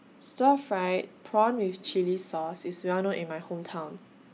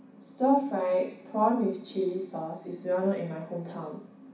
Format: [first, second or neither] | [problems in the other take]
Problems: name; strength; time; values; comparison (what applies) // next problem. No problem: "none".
first | room echo; dies away in 0.6 s